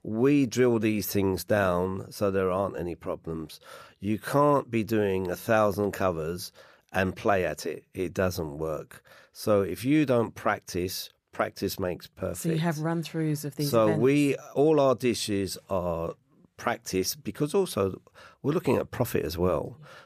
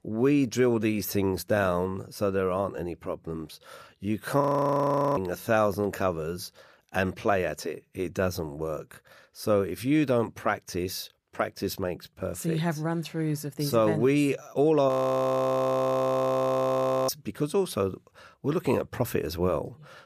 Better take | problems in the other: first | audio freezing; at 4.5 s for 1 s and at 15 s for 2 s

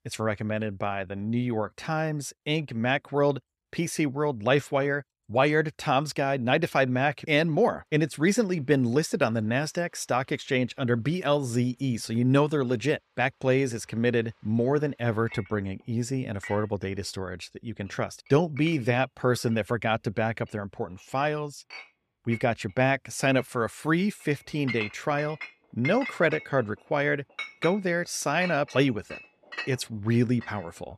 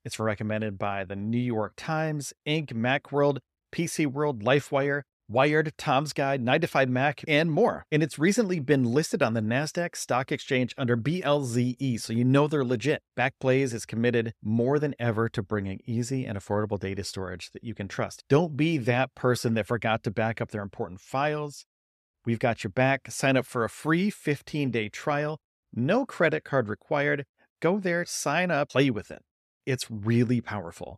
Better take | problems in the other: second | household noises; noticeable; throughout; 15 dB below the speech

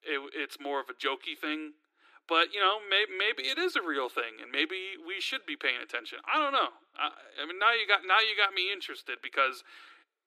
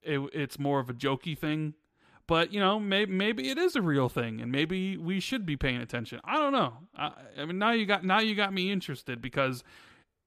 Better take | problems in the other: second | thin; very; fading below 300 Hz

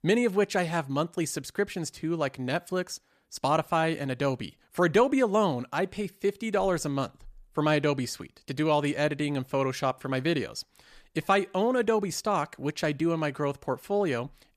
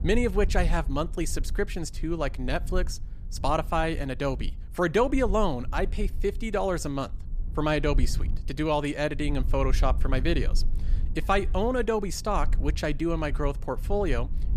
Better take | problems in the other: first | low rumble; faint; throughout; 25 dB below the speech

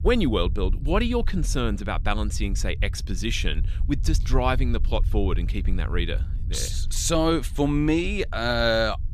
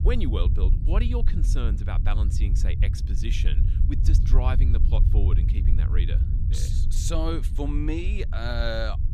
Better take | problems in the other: first | low rumble; loud; throughout; 7 dB below the speech; faint in the first

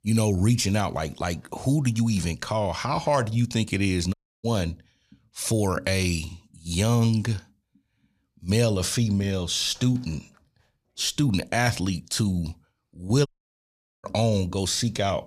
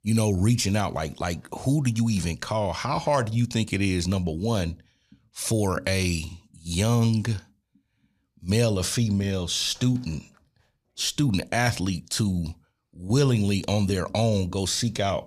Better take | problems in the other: second | audio cutting out; at 4 s and at 13 s for 1 s

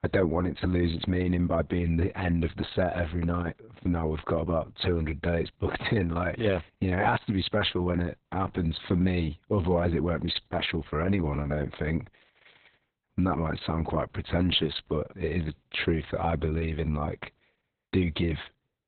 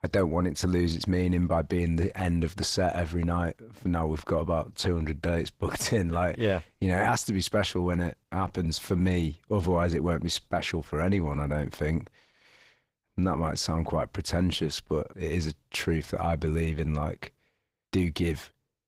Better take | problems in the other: second | garbled, watery; badly; nothing above 4 kHz; slightly in the second

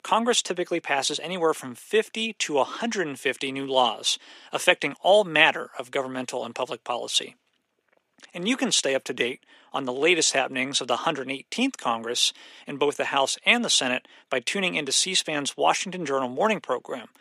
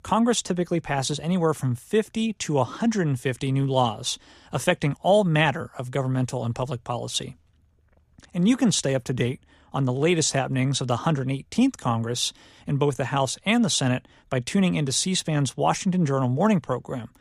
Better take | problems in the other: second | thin; somewhat; fading below 300 Hz

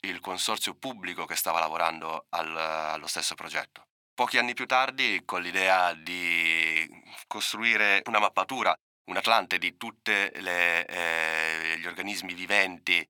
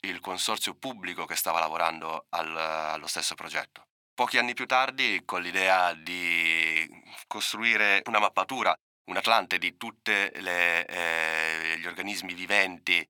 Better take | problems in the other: neither | thin; somewhat; fading below 400 Hz; the same in both

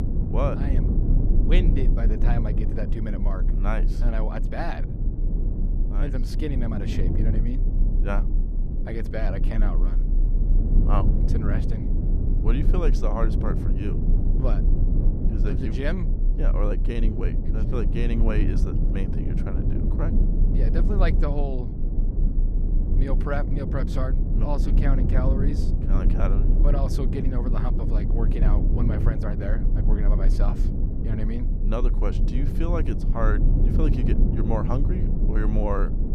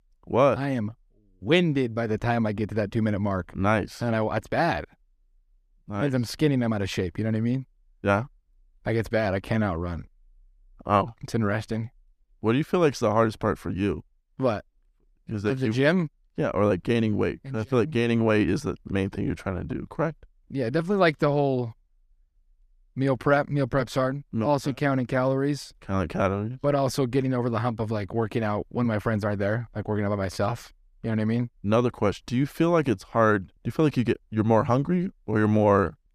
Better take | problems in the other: second | low rumble; loud; throughout; 4 dB below the speech

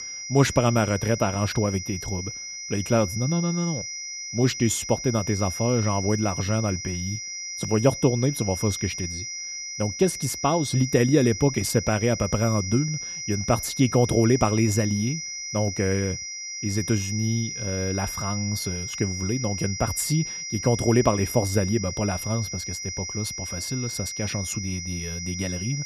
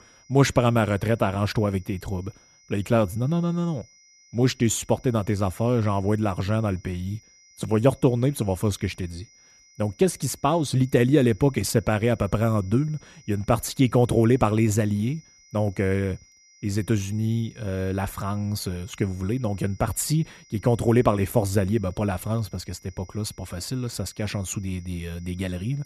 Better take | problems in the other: second | high-pitched whine; loud; throughout; 6 kHz, 6 dB below the speech; faint in the second

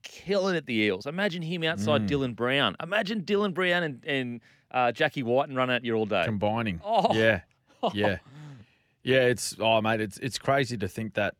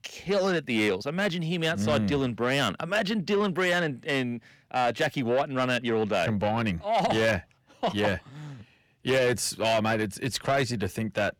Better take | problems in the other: first | distortion; slight; 10 dB below the speech

